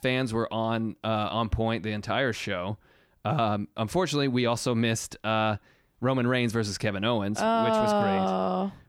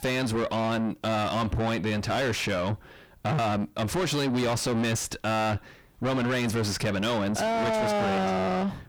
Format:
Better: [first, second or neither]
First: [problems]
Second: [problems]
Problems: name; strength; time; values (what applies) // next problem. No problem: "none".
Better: first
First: none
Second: distortion; heavy; 5 dB below the speech